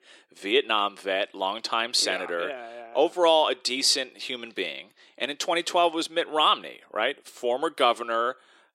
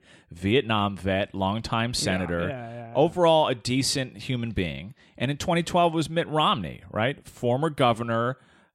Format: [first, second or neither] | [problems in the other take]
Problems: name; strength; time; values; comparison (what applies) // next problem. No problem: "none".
second | thin; somewhat; fading below 350 Hz